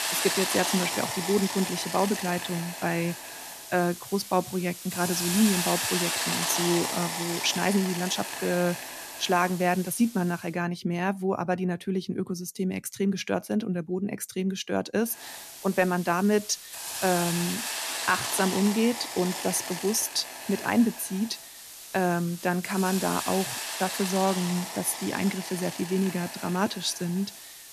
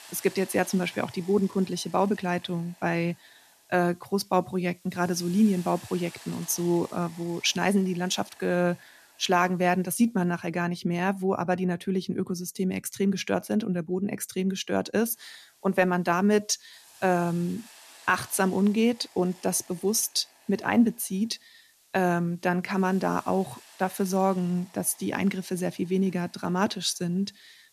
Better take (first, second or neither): second